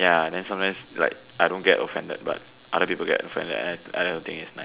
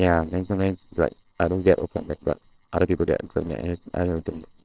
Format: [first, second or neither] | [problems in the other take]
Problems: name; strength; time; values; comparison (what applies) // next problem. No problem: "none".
first | noise reduction (neural separator model SepFormer WHAMR!)